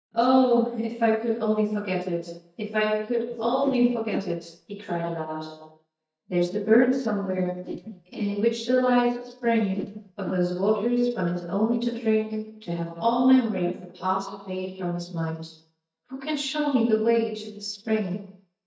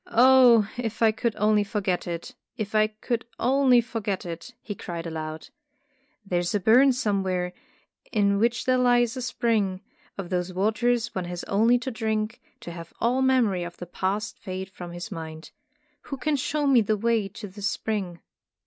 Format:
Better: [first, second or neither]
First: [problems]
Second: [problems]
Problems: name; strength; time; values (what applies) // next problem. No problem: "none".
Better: second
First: noise reduction (neural mask model DeepFilterNet 3)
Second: none